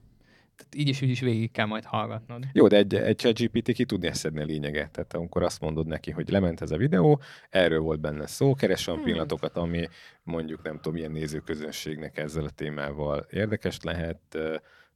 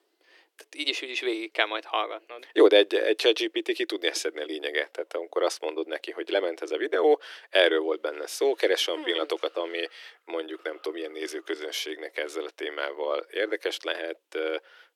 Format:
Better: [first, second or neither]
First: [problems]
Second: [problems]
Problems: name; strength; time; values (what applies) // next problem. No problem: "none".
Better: first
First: none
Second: thin; very; fading below 300 Hz